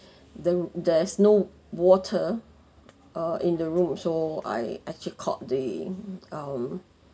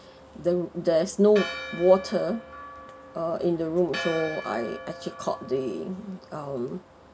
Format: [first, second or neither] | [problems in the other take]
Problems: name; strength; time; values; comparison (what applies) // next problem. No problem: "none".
first | background sound (Church bell); 14 dB below the speech